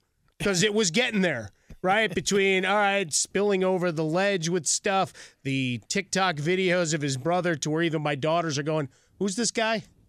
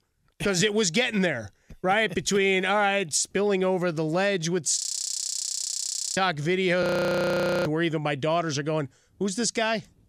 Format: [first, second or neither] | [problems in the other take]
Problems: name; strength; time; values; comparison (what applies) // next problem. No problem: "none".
first | audio freezing; at 5 s for 1.5 s and at 7 s for 1 s